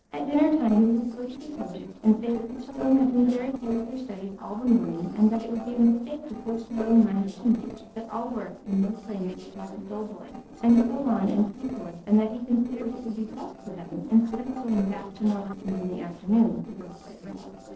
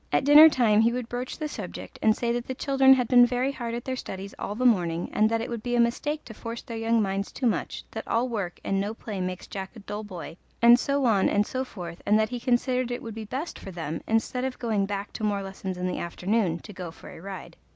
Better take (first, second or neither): second